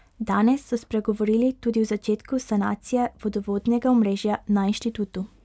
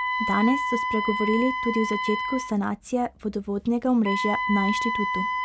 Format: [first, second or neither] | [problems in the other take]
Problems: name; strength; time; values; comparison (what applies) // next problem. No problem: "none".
first | background sound (Wind instrument, woodwind instrument); 3 dB below the speech